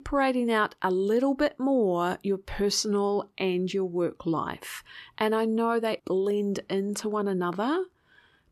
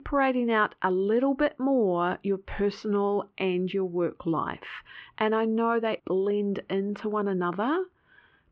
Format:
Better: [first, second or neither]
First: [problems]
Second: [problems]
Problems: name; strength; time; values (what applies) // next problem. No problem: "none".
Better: first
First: none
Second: muffled; very; fading above 3 kHz